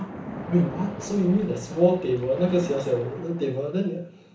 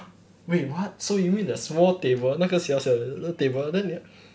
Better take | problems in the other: second | background sound (Splash, splatter); 13 dB below the speech // room echo; dies away in 0.7 s

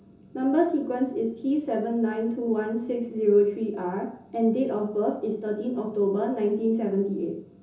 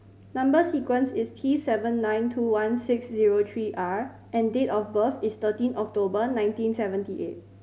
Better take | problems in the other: second | room echo; dies away in 0.6 s

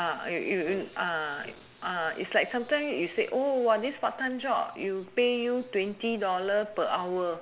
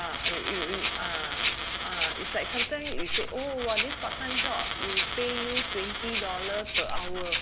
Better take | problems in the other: first | background sound (Rattle (instrument) + Coin (dropping)); 3 dB above the speech

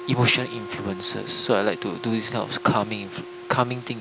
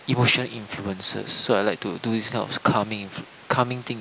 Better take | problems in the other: second | background sound (Wind instrument, woodwind instrument); 12 dB below the speech

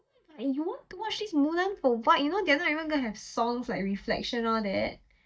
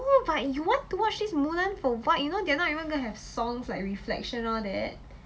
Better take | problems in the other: second | noise reduction (neural mask model DeepFilterNet 3)

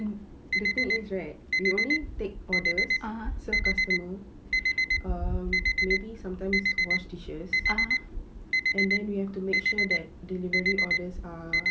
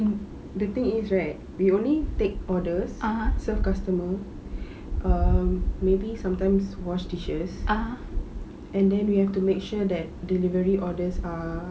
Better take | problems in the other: second | background sound (Alarm); 4 dB above the speech

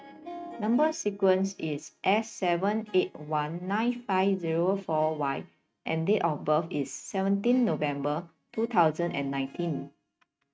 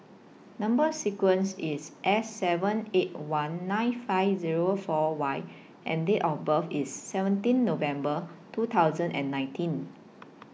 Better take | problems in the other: second | noise reduction (neural mask model RNNoise)

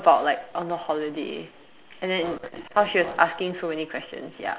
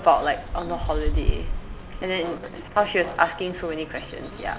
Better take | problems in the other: first | background sound (Bird); 4 dB below the speech

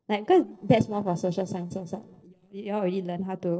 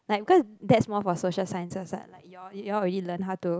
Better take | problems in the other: second | noise reduction (neural separator model SepFormer DNS4)

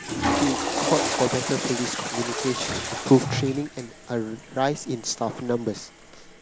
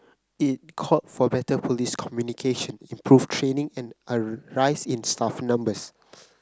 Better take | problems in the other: second | background sound (Toilet flush / Water); 3 dB below the speech

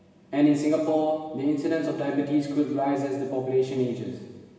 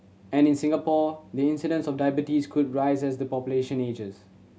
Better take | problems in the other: second | room echo; dies away in 1.2 s

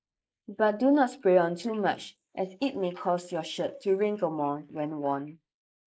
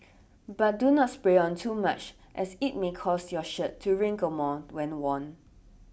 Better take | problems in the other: second | noise reduction (neural mask model Resemble Enhance denoiser)

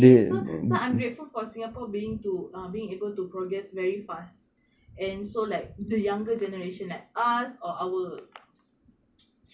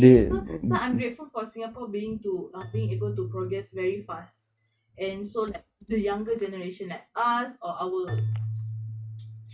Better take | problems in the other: first | noise reduction (neural mask model RNNoise)

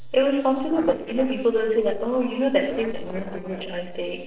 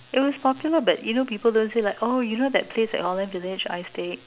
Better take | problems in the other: second | noise reduction (neural separator model SepFormer DNS4)

